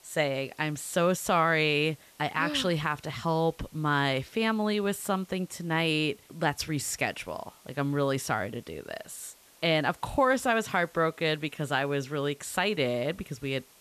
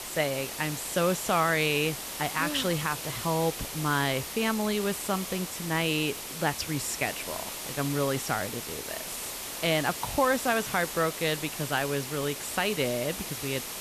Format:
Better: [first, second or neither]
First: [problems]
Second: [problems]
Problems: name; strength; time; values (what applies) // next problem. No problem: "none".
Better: first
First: hiss; faint; throughout; 25 dB below the speech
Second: hiss; loud; throughout; 6 dB below the speech